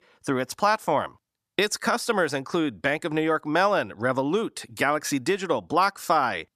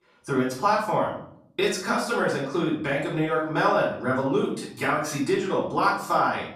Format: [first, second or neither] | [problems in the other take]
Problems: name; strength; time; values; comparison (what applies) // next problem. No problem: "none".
first | off-mic speech; far // room echo; noticeable; dies away in 0.6 s